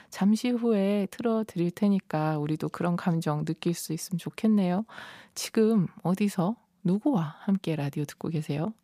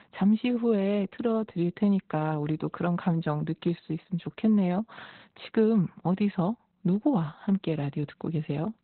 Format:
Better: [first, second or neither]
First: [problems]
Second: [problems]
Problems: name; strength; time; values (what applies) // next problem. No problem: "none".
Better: first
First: none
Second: garbled, watery; badly; nothing above 4 kHz